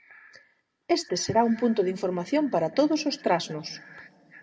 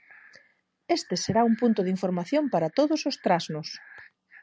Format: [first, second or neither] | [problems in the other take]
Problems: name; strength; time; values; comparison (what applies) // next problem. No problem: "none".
second | room echo; dies away in 0.7 s